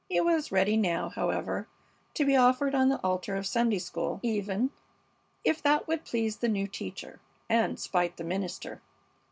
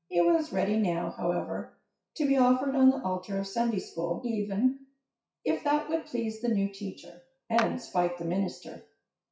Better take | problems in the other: first | noise reduction (classical method WPE with log-MMSE)

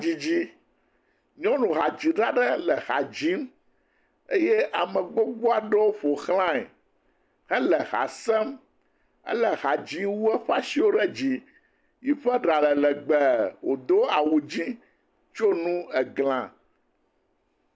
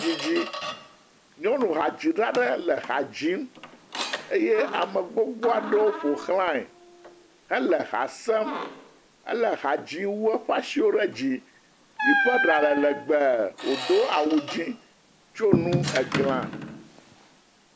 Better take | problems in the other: first | background sound (Squeak); 7 dB below the speech

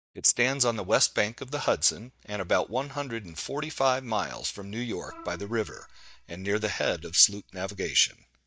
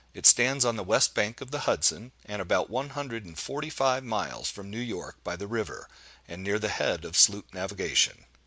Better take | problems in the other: second | noise reduction (neural mask model DeepFilterNet 3)

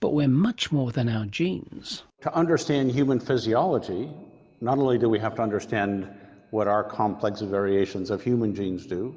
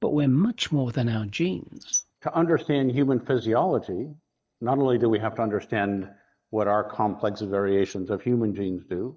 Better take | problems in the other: first | noise reduction (neural mask model DeepFilterNet 3)

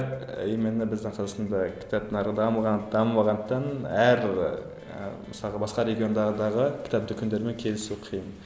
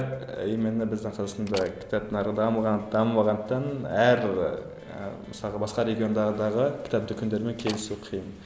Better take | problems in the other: first | background sound (Slam); 15 dB below the speech

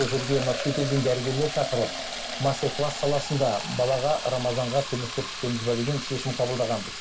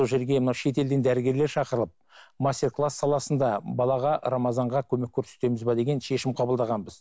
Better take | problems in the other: second | background sound (Fill (with liquid)); 7 dB below the speech // room echo; dies away in 0.2 s

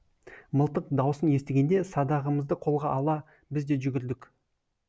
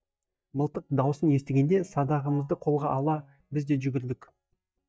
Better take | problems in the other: first | noise reduction (neural mask model DeepFilterNet 3)

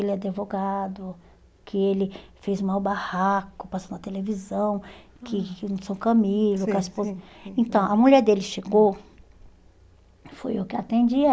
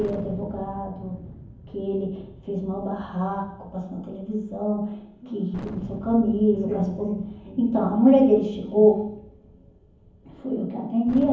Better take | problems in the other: first | background sound (Thunder); 18 dB below the speech // room echo; dies away in 0.7 s

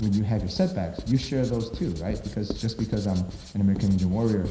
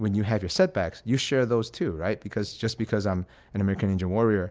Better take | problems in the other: second | background sound (Writing); 12 dB below the speech // room echo; dies away in 0.9 s

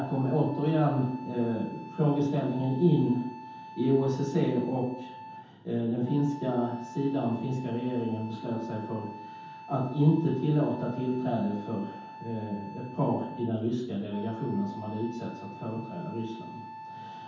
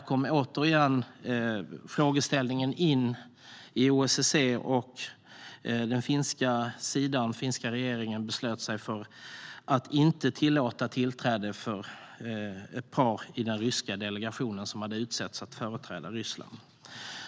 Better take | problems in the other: second | background sound (Wind instrument, woodwind instrument); 15 dB below the speech // room echo; dies away in 0.9 s

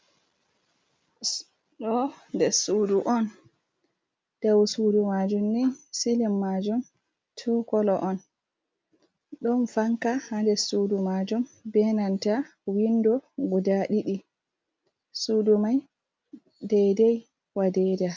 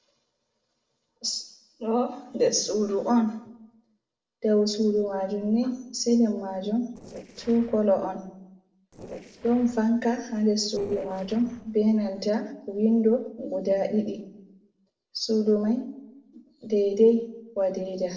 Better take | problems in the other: first | noise reduction (neural separator model SepFormer DNS4)

